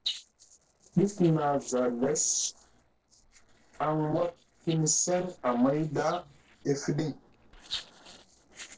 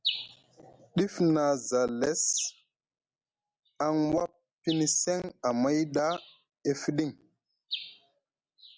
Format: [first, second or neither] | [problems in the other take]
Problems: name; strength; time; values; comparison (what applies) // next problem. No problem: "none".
second | noise reduction (neural separator model SepFormer DNS4)